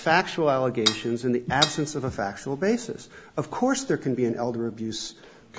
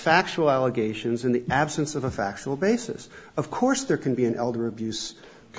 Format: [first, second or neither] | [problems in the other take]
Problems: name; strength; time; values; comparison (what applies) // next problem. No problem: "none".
second | background sound (Cutlery, silverware / Dishes, pots, and pans); 3 dB below the speech